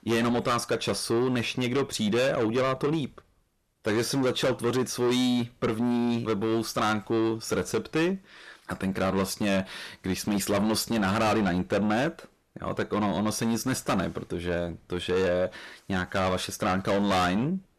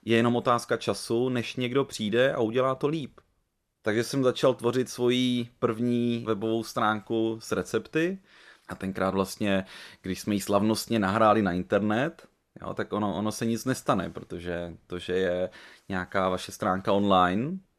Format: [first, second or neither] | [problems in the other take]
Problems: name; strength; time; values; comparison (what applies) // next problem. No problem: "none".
second | distortion; heavy; 6 dB below the speech